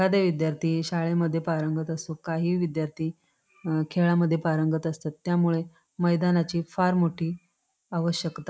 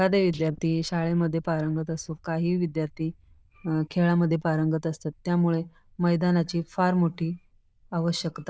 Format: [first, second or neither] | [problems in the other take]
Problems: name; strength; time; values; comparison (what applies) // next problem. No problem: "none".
first | noise reduction (neural diffusion model UNIVERSE++)